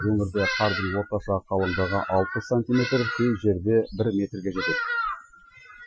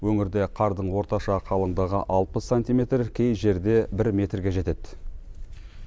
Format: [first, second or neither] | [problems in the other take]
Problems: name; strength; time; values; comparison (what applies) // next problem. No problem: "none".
second | noise reduction (classical method Wiener filter)